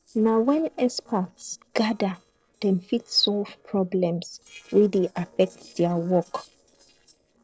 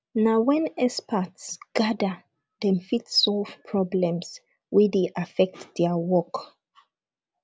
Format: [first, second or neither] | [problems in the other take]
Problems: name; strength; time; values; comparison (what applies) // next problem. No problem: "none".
second | noise reduction (neural separator model SepFormer DNS4)